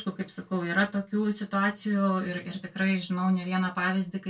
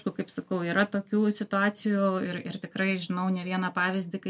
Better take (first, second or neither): second